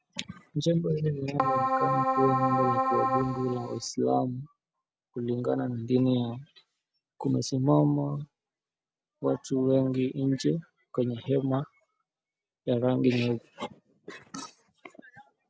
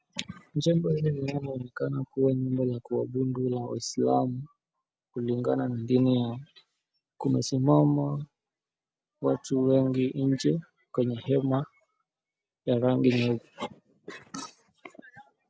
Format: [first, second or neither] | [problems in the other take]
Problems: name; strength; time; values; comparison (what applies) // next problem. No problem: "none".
second | background sound (Keyboard (musical)); 2 dB above the speech